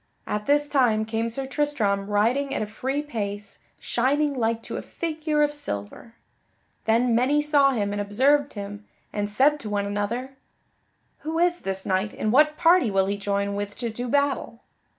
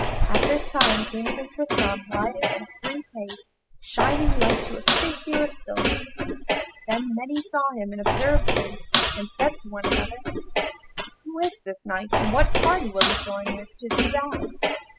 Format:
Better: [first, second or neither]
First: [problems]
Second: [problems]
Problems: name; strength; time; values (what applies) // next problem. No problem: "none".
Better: first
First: none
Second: noise reduction (classical method spectral subtraction)